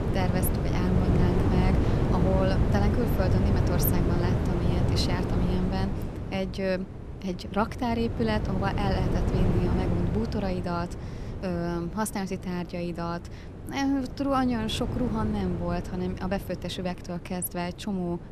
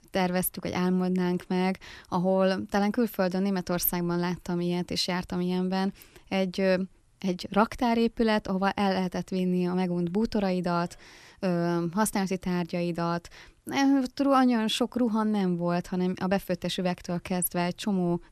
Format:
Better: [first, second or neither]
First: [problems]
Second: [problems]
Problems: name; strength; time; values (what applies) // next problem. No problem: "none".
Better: second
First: wind noise on the microphone; heavy; 3 dB below the speech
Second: none